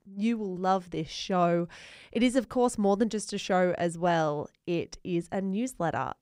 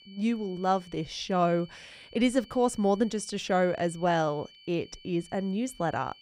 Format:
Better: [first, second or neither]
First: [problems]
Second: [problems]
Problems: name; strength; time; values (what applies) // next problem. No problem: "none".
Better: first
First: none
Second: high-pitched whine; faint; throughout; 3 kHz, 25 dB below the speech